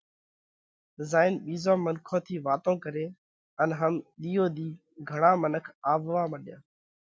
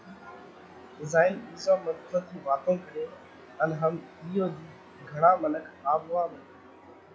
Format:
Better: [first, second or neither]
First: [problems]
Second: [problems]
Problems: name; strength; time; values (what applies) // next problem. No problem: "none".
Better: first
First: none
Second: noise reduction (classical method log-MMSE)